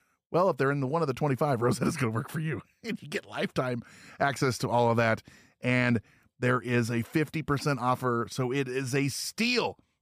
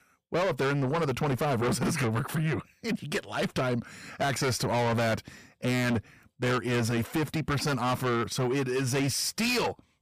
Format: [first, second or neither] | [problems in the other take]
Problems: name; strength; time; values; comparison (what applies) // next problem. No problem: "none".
first | distortion; heavy; 6 dB below the speech